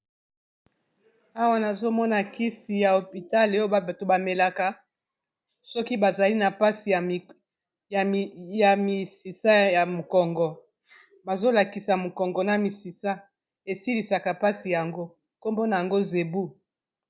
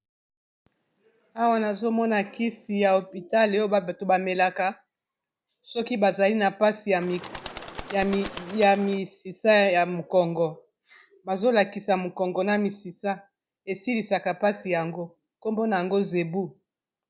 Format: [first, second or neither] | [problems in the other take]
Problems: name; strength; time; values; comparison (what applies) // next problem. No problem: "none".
first | background sound (Bird); 13 dB below the speech